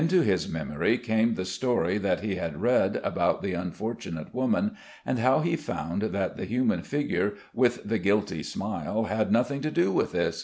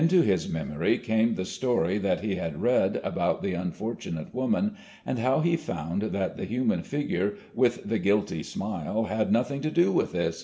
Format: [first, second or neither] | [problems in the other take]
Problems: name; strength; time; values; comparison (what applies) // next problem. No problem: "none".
first | room echo; dies away in 0.4 s